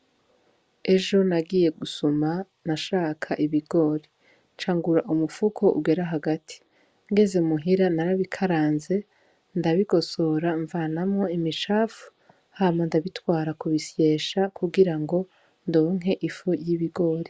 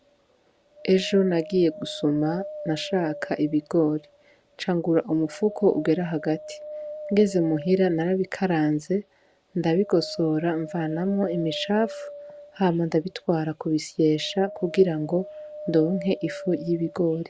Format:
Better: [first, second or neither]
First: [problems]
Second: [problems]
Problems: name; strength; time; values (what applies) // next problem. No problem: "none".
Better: first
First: none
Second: background sound (Wind); 15 dB below the speech